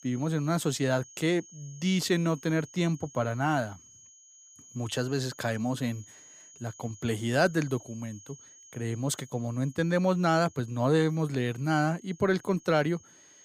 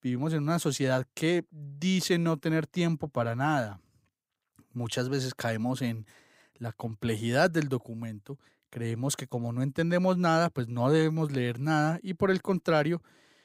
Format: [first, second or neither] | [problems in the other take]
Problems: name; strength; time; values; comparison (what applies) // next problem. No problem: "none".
second | high-pitched whine; faint; throughout; 6.5 kHz, 20 dB below the speech